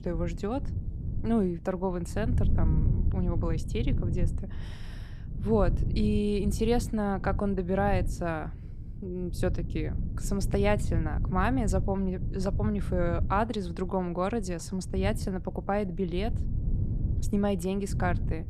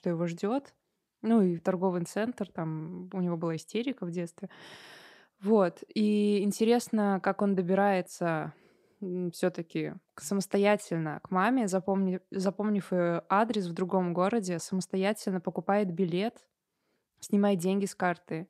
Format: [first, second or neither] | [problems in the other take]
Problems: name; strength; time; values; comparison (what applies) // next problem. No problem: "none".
second | low rumble; noticeable; throughout; 15 dB below the speech